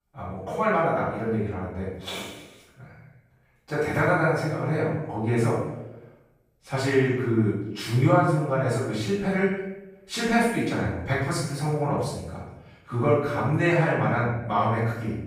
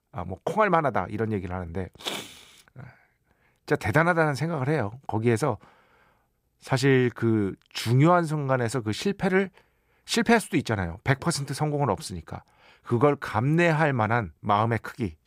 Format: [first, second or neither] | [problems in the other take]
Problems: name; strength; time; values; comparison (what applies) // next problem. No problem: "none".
second | off-mic speech; far // room echo; strong; dies away in 0.8 s